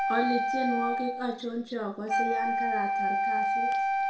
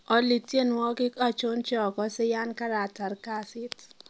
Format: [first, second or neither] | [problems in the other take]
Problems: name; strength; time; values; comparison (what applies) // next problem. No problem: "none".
second | background sound (Wind instrument, woodwind instrument); 5 dB above the speech // room echo; dies away in 0.5 s